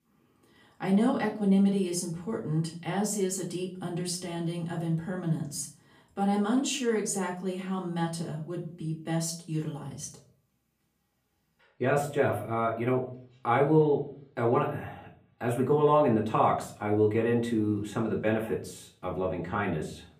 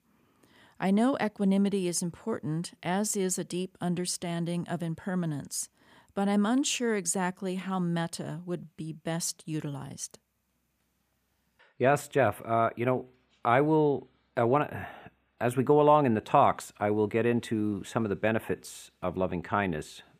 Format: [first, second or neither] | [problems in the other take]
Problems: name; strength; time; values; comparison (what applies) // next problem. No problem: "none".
second | off-mic speech; far // room echo; slight; dies away in 0.4 s